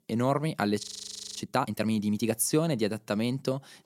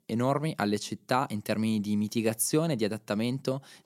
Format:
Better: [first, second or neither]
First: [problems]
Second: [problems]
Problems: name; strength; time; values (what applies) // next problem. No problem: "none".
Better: second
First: audio freezing; at 1 s for 0.5 s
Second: none